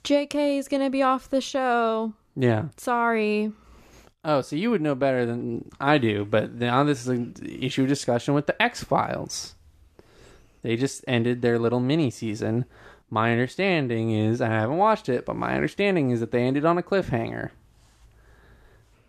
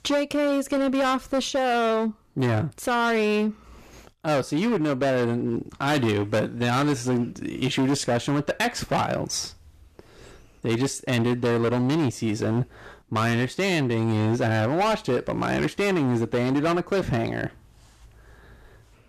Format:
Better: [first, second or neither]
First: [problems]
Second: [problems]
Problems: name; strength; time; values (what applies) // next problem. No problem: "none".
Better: first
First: none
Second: distortion; heavy; 17% of the sound clipped